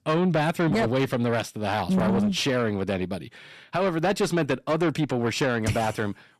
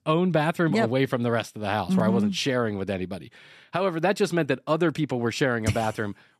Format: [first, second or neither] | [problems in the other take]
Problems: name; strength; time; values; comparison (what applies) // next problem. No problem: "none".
second | distortion; slight; 10 dB below the speech